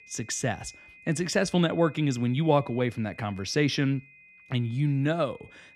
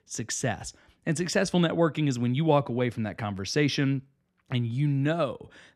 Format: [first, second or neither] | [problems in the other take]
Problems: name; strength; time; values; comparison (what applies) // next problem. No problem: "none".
second | high-pitched whine; faint; throughout; 2.5 kHz, 25 dB below the speech